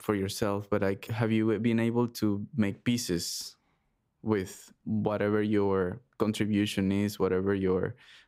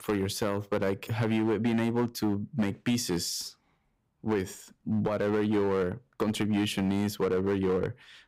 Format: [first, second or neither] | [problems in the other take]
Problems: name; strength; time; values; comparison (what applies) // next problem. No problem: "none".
first | distortion; slight; 8% of the sound clipped